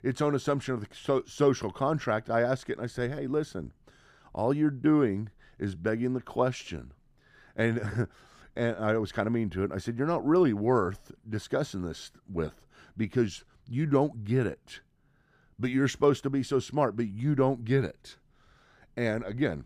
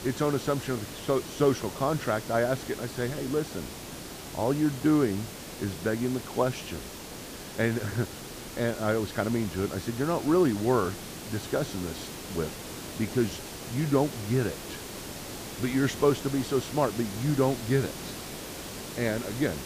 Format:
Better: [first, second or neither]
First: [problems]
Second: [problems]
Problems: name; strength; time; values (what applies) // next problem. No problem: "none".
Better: first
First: none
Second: hiss; loud; throughout; 10 dB below the speech